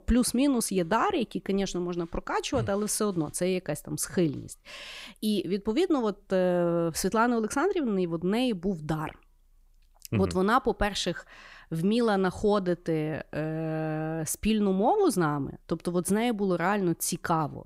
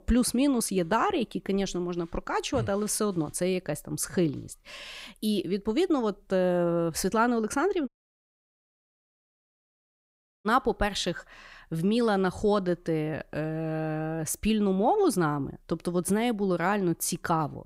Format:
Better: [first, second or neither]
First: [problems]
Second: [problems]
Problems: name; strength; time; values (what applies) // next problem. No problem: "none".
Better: first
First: none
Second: audio cutting out; at 8 s for 2.5 s